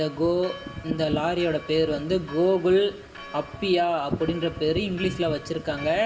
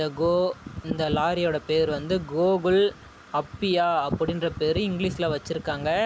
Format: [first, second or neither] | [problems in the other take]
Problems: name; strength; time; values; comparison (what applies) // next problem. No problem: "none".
second | background sound (Church bell); 20 dB below the speech // room echo; dies away in 1.9 s